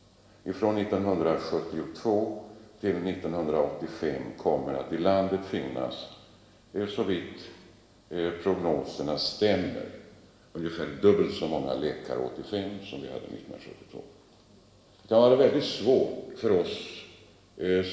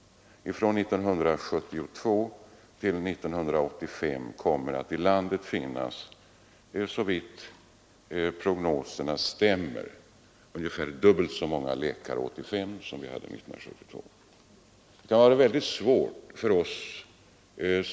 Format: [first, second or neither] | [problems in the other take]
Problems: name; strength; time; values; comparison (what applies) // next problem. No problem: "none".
second | room echo; dies away in 1.2 s